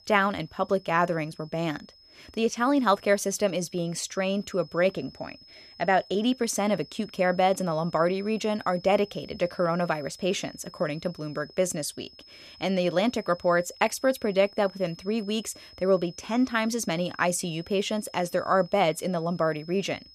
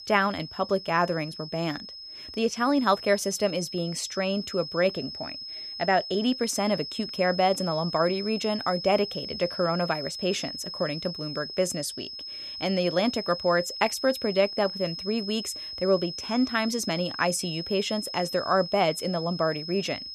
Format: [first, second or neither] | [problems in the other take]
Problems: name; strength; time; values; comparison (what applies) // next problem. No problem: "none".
first | high-pitched whine; loud; throughout; 5 kHz, 8 dB below the speech; faint in the first